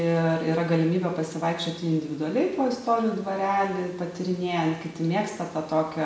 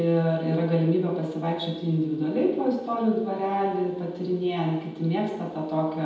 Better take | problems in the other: first | room echo; dies away in 0.8 s

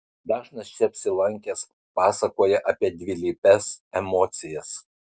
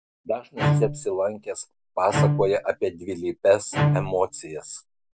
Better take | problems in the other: first | background sound (Bowed string instrument); 1 dB below the speech

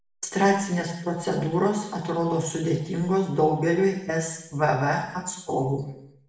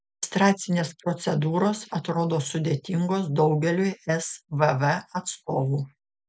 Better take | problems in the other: second | room echo; dies away in 0.8 s

